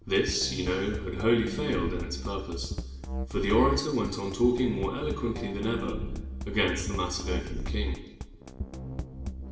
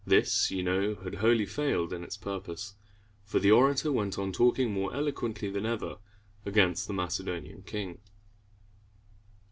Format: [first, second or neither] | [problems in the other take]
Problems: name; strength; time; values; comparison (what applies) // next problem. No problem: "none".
second | background sound (Drum kit); 5 dB below the speech // room echo; dies away in 1 s